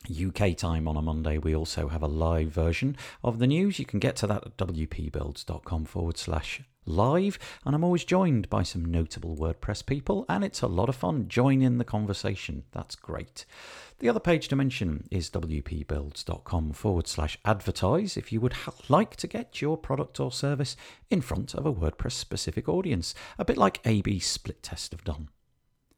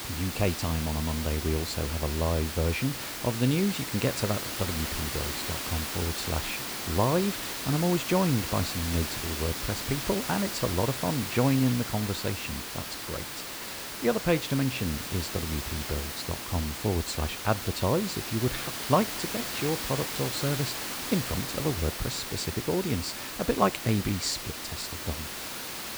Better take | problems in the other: first | hiss; loud; throughout; 3 dB below the speech

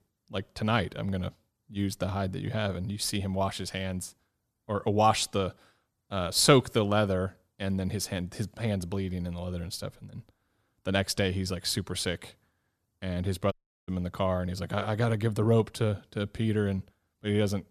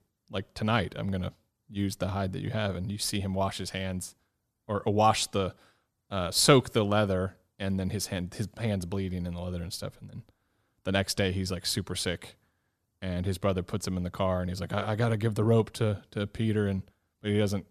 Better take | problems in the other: second | audio cutting out; at 14 s

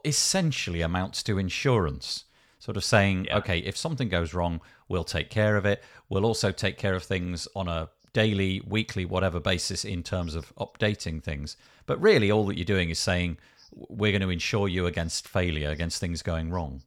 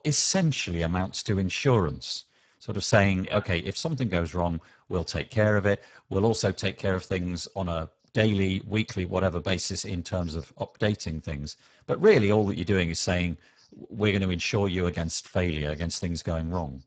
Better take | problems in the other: first | garbled, watery; badly; nothing above 8 kHz

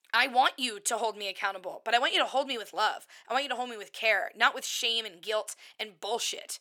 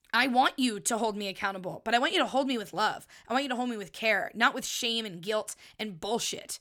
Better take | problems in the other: second | thin; somewhat; fading below 550 Hz

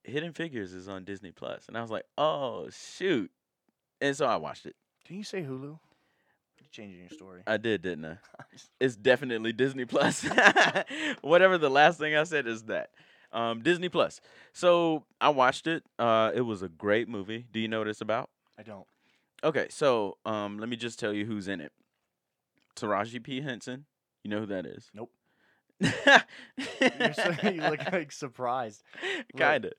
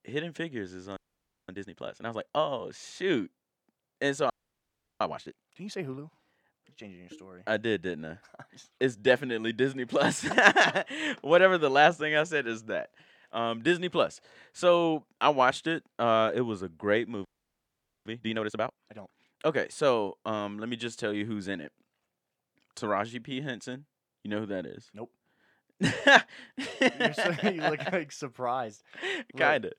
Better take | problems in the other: first | audio freezing; at 1 s for 0.5 s, at 4.5 s for 0.5 s and at 17 s for 1 s

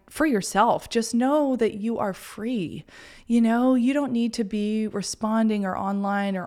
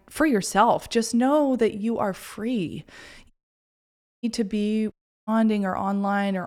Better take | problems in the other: first | audio cutting out; at 3.5 s for 1 s and at 5 s

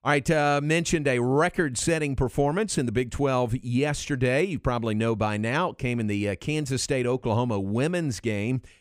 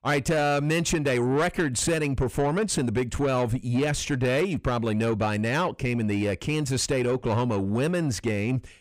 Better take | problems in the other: first | distortion; slight; 10 dB below the speech

